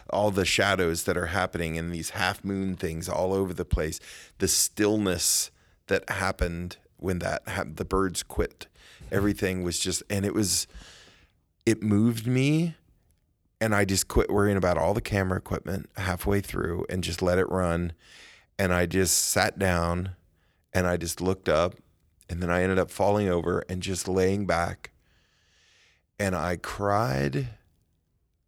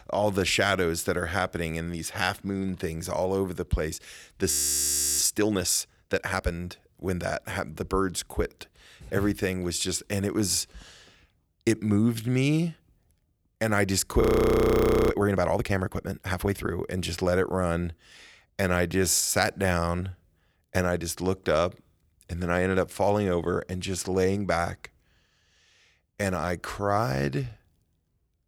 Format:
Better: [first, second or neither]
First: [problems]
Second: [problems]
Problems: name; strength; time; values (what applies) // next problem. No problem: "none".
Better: first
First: none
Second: audio freezing; at 4.5 s for 0.5 s and at 14 s for 1 s